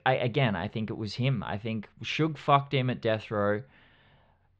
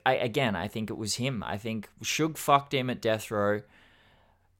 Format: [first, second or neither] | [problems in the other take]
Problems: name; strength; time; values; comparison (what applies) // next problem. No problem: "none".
second | muffled; slightly; fading above 4 kHz